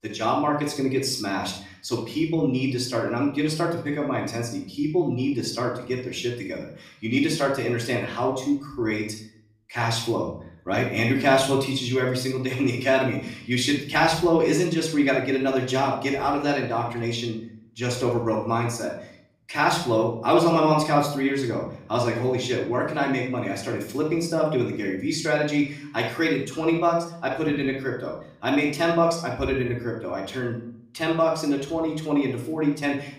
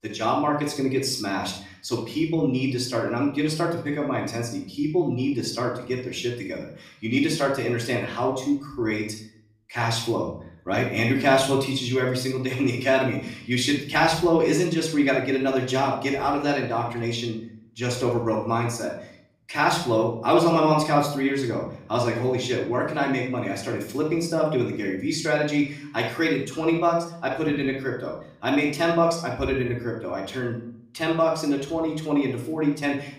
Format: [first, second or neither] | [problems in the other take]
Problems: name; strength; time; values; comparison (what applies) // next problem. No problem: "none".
neither | off-mic speech; far; the same in both // room echo; noticeable; dies away in 0.5 s; the same in both